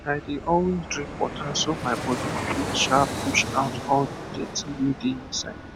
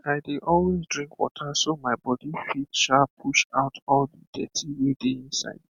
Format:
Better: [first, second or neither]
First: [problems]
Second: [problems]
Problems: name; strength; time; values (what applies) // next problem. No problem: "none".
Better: second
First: background sound (Fixed-wing aircraft, airplane); 6 dB below the speech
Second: none